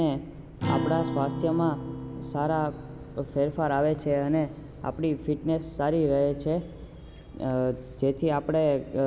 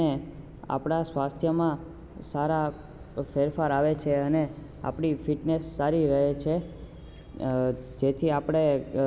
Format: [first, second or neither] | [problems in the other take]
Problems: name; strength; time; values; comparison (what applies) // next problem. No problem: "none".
second | background sound (Acoustic guitar); 10 dB below the speech